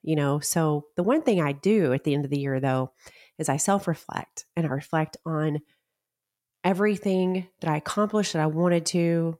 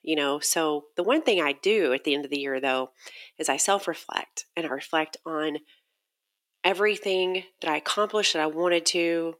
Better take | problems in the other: first | thin; somewhat; fading below 350 Hz

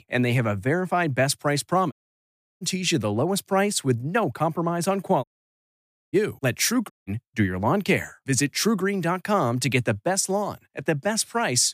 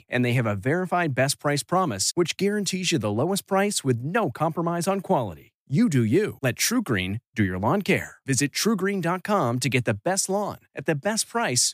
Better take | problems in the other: second | audio cutting out; at 2 s for 0.5 s, at 5 s for 1 s and at 7 s

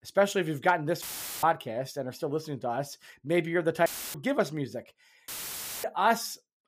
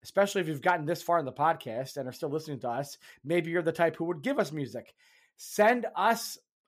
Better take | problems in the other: second | audio cutting out; filled with static; at 1 s, at 4 s and at 5.5 s for 0.5 s

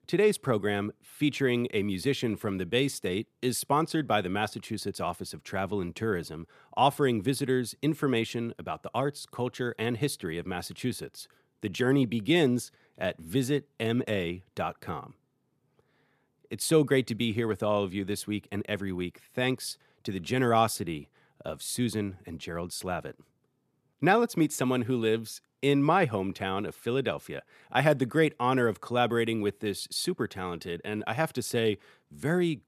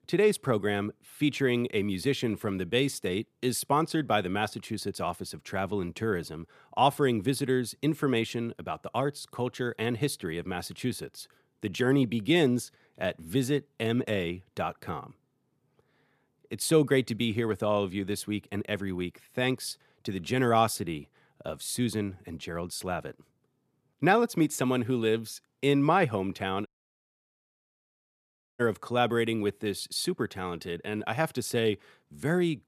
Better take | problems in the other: first | audio cutting out; at 27 s for 2 s

